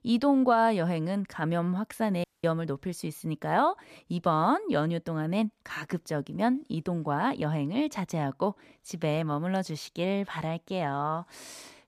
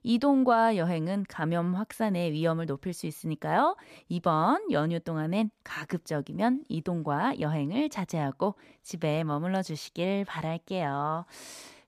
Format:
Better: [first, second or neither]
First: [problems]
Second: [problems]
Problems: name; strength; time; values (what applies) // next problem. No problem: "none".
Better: second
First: audio cutting out; at 2 s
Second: none